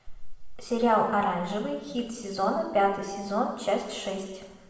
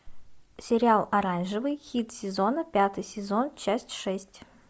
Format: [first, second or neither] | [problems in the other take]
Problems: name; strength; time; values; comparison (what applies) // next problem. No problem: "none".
second | room echo; dies away in 1.1 s